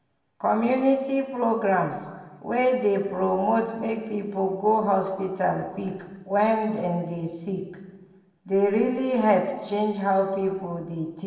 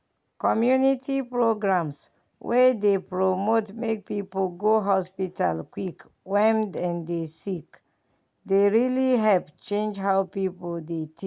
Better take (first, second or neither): second